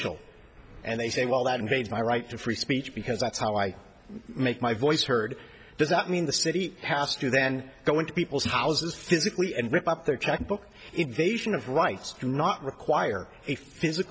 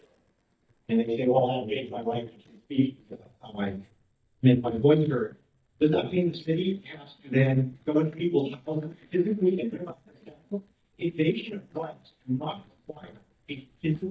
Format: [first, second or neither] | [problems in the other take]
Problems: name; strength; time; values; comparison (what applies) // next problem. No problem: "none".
first | noise reduction (neural mask model DeepFilterNet 3)